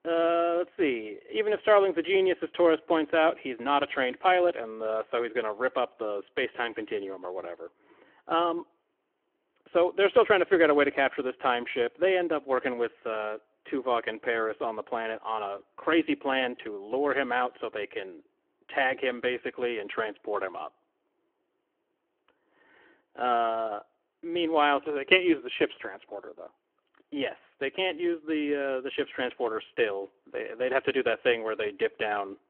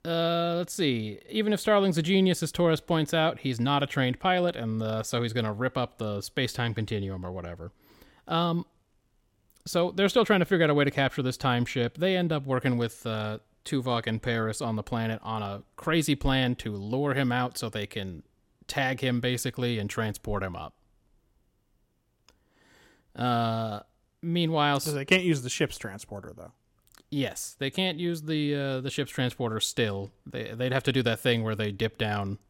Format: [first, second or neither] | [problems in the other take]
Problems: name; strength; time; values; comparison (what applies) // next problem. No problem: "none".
second | phone-call audio; nothing above 3 kHz